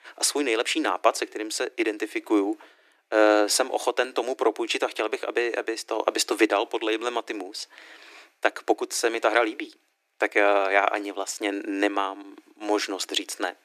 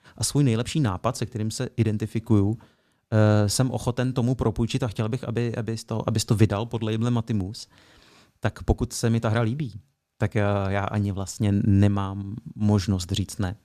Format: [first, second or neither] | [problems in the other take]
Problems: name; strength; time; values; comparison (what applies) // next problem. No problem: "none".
second | thin; very; fading below 300 Hz